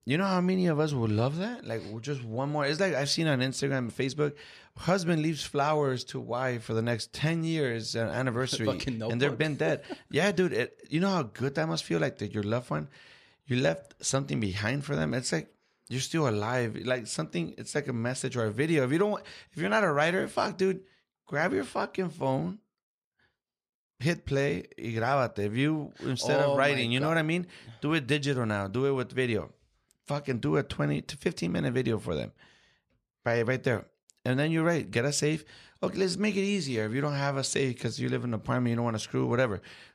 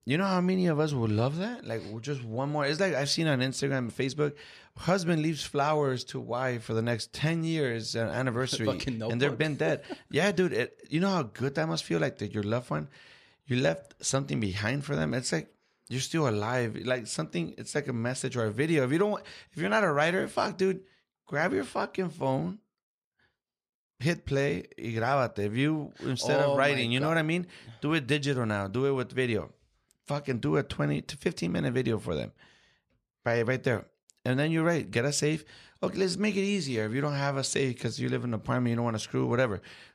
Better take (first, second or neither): neither